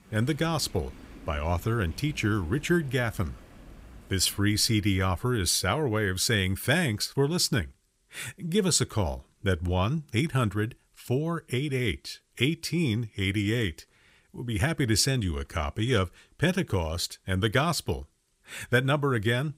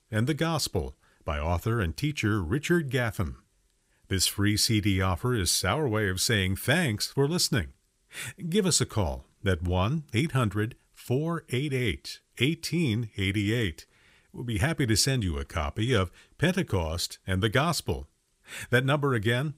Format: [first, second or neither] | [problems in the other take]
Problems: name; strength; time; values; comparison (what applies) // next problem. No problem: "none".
second | rain or running water; faint; until 5 s; 20 dB below the speech